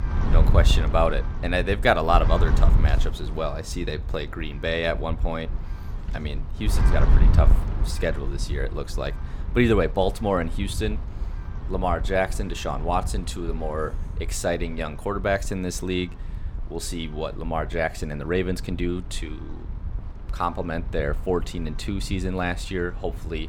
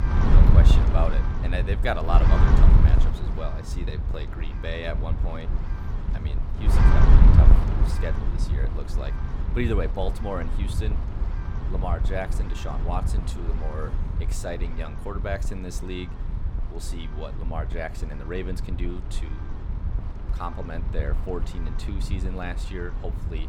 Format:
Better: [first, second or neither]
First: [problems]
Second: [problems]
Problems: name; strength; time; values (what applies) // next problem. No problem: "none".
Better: first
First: wind noise on the microphone; occasional gusts; 15 dB below the speech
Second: wind noise on the microphone; heavy; 3 dB below the speech